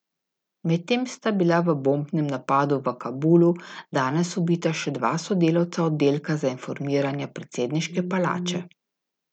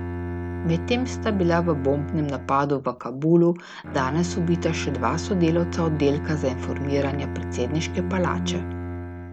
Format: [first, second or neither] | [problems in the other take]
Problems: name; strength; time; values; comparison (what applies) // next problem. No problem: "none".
first | background sound (Bowed string instrument); 6 dB below the speech